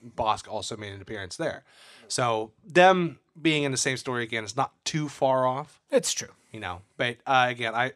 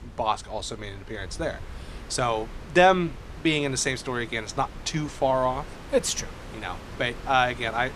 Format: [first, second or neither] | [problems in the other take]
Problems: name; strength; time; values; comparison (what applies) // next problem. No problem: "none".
first | wind noise on the microphone; occasional gusts; 20 dB below the speech